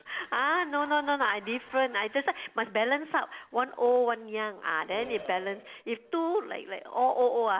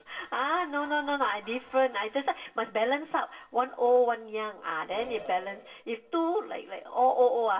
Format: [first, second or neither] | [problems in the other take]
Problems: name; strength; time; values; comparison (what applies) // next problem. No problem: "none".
first | room echo; dies away in 0.2 s